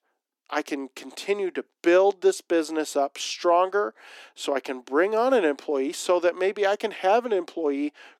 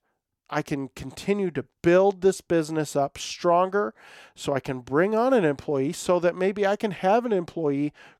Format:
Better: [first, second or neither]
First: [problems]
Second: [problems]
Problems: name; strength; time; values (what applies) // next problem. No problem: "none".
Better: second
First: thin; very slightly; fading below 250 Hz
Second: none